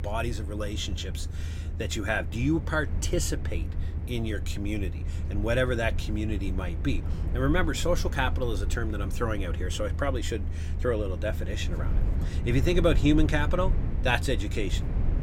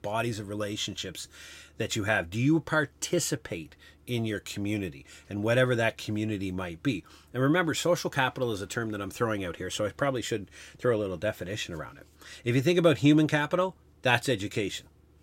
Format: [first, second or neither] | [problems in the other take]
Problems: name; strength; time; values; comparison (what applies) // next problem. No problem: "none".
second | low rumble; noticeable; throughout; 15 dB below the speech